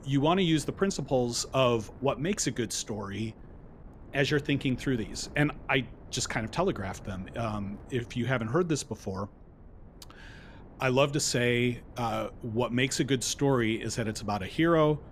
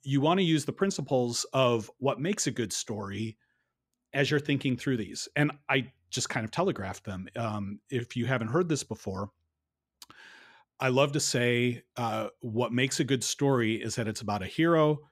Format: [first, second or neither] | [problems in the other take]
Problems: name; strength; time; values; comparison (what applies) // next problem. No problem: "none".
second | wind noise on the microphone; occasional gusts; 25 dB below the speech